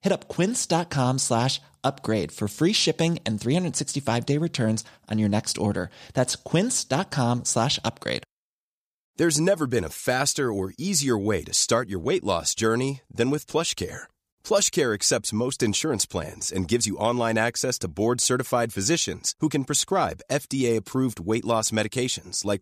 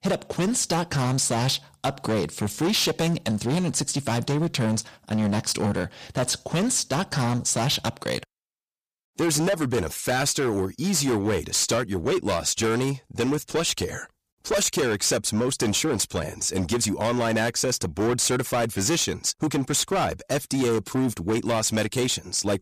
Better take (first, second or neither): first